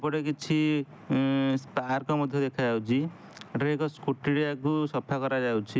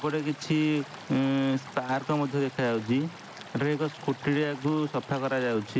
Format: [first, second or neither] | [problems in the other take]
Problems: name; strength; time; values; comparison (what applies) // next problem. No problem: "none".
first | background sound (Stream); 17 dB below the speech